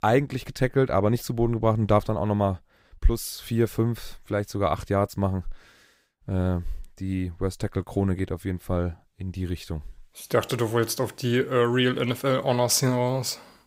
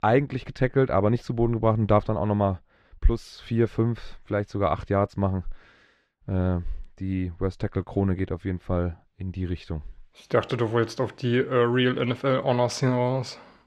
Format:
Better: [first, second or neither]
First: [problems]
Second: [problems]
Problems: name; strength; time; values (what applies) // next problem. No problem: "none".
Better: first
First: none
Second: muffled; slightly; fading above 3.5 kHz